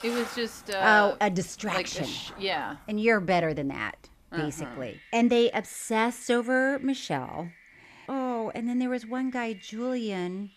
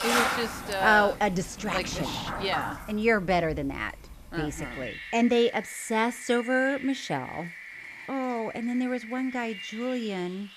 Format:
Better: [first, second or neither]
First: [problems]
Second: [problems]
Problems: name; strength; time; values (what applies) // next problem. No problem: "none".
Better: first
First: rain or running water; faint; throughout; 20 dB below the speech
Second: rain or running water; loud; throughout; 9 dB below the speech